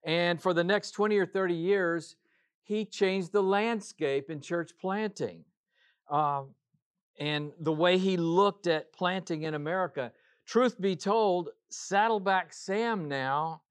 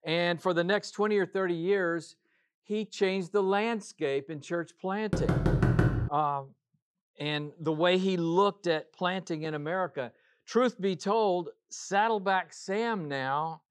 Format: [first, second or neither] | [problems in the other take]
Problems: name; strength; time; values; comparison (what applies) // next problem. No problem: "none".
first | door banging; loud; at 5 s; peak 5 dB above the speech